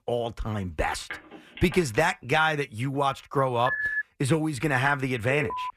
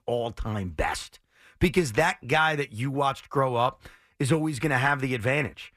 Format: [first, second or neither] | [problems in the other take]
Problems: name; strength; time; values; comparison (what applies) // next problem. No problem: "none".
second | phone ringing; faint; at 1 s; peak 15 dB below the speech // phone ringing; noticeable; at 3.5 s; peak level with the speech // alarm; noticeable; at 5.5 s; peak 6 dB below the speech